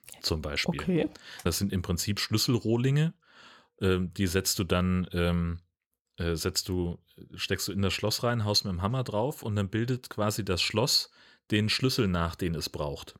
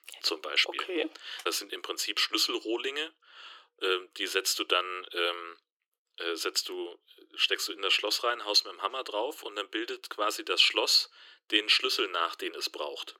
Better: first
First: none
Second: thin; very; fading below 300 Hz

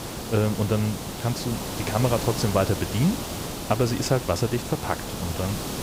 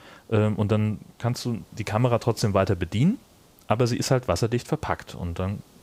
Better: second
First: hiss; loud; throughout; 6 dB below the speech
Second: hiss; faint; throughout; 30 dB below the speech

